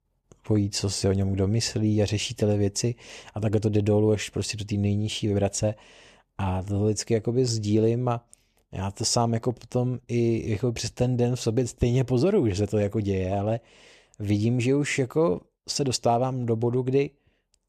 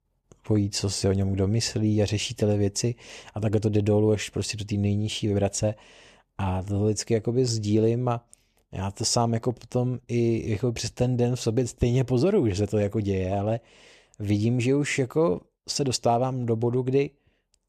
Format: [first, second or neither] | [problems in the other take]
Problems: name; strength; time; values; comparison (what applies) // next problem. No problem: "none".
neither | none